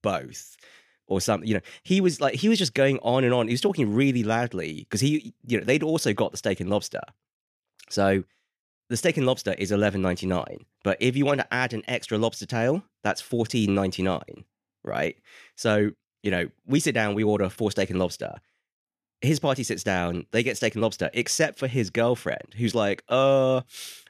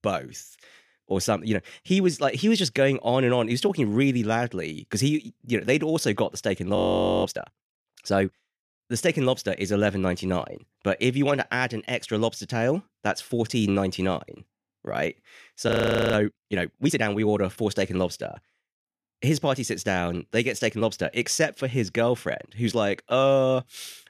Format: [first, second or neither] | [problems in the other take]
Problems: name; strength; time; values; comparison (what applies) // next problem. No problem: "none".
first | audio freezing; at 7 s and at 16 s